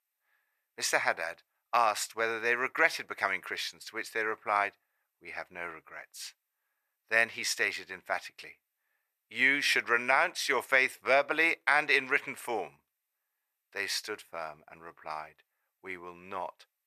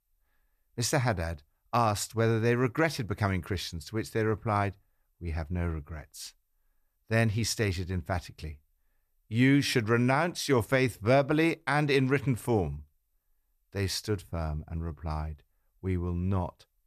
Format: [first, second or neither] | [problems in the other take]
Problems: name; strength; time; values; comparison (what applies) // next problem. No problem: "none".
second | thin; very; fading below 650 Hz